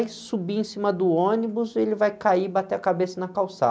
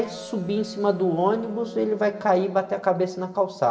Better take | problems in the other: first | background sound (Wind instrument, woodwind instrument); 18 dB below the speech // room echo; dies away in 2.5 s

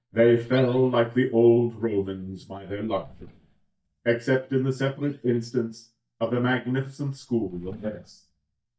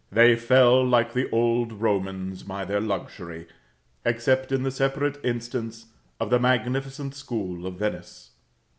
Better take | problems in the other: second | noise reduction (neural mask model DeepFilterNet 3)

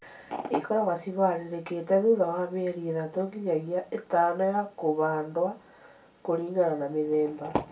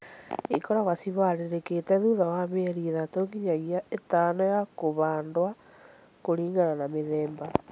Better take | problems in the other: second | room echo; dies away in 0.2 s

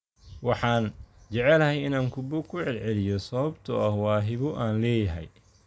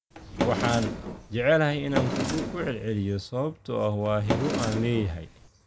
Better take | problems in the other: first | background sound (Drawer open or close); 4 dB below the speech

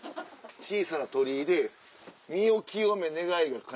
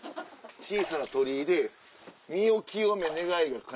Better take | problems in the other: first | background sound (Sink (filling or washing) / Water / Splash, splatter); 14 dB below the speech

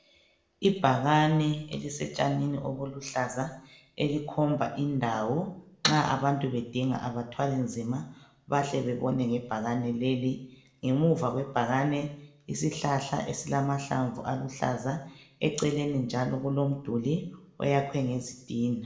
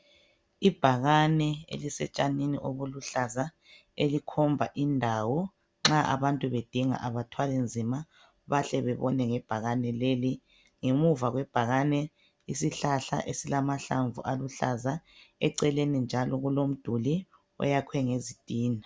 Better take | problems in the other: second | room echo; dies away in 0.6 s

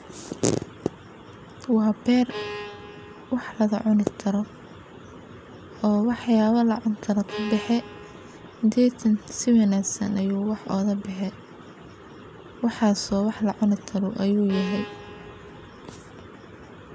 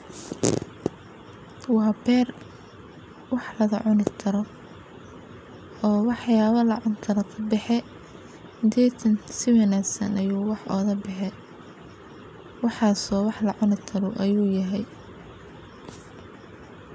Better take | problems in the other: second | background sound (Bowed string instrument); 14 dB below the speech

